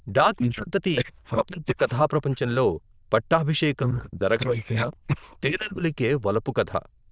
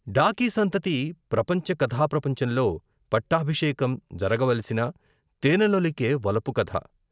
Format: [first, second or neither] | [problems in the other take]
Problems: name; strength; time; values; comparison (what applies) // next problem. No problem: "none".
second | noise reduction (neural diffusion model UNIVERSE++)